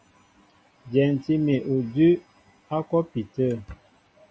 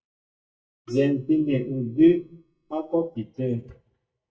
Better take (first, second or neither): first